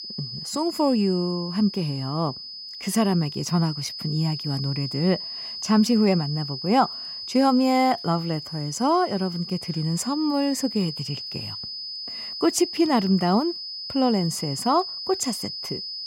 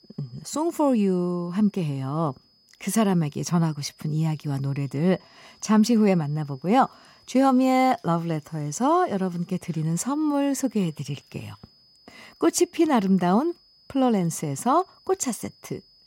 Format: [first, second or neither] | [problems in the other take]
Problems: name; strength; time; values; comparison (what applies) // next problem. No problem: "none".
second | high-pitched whine; loud; throughout; 5 kHz, 8 dB below the speech; faint in the second